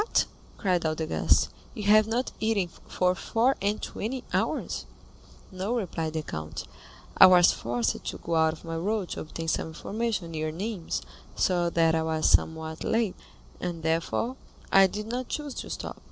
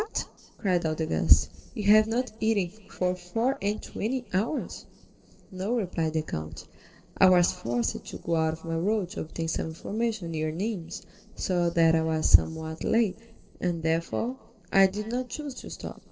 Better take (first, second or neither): first